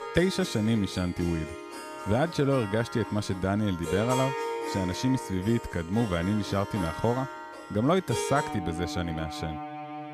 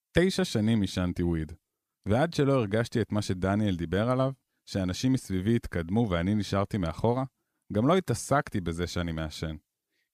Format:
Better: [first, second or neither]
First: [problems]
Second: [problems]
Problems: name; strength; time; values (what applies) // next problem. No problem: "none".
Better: second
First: background music; loud; throughout; 8 dB below the speech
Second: none